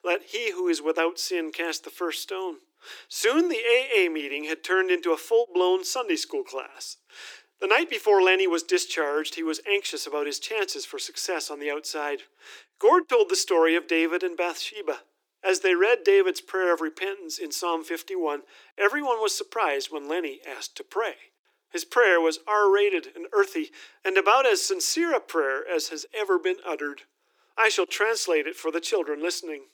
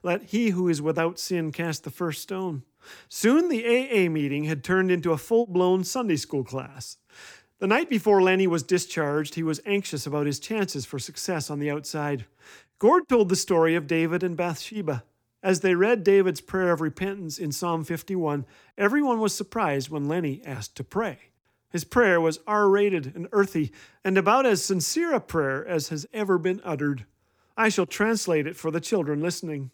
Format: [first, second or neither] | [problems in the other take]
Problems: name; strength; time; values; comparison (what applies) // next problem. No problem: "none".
second | thin; very; fading below 300 Hz